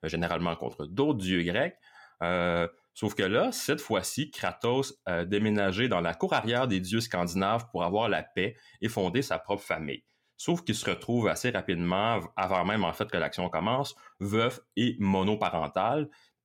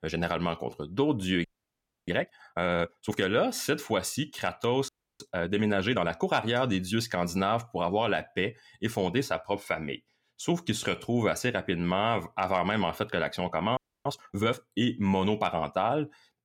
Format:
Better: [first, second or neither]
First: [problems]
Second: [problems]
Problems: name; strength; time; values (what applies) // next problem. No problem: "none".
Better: first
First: none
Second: audio freezing; at 1.5 s for 0.5 s, at 5 s and at 14 s